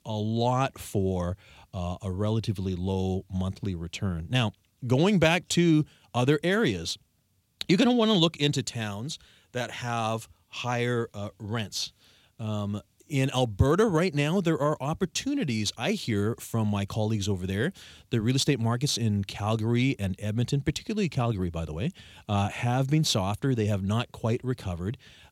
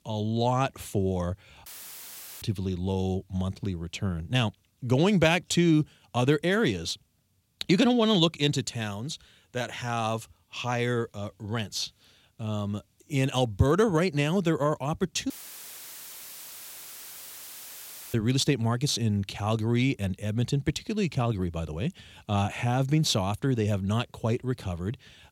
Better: first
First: none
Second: audio cutting out; filled with static; at 1.5 s for 1 s and at 15 s for 3 s

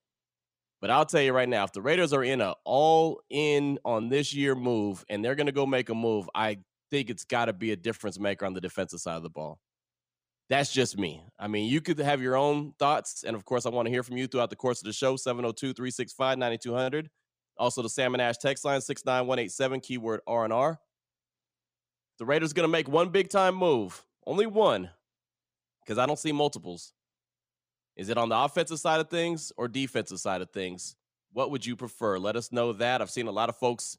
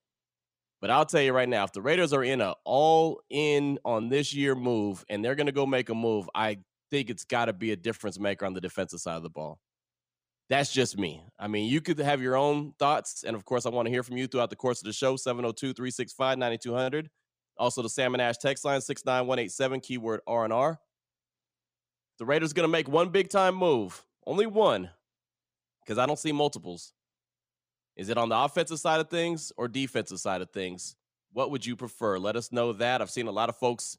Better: neither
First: none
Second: none

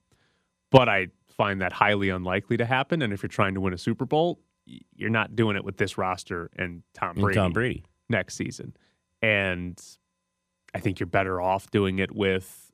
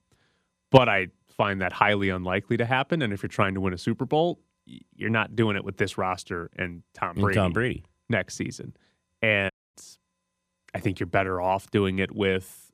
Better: first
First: none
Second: audio cutting out; at 9.5 s

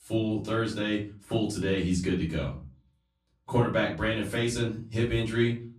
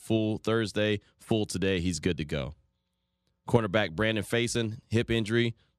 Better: second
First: off-mic speech; far // room echo; slight; dies away in 0.4 s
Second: none

